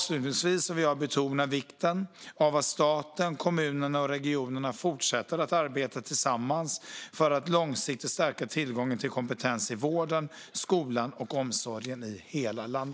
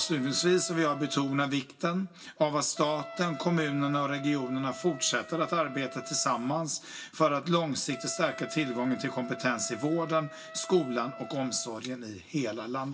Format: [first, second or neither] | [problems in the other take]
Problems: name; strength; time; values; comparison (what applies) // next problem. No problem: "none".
first | background sound (Wind instrument, woodwind instrument); 15 dB below the speech // room echo; dies away in 0.2 s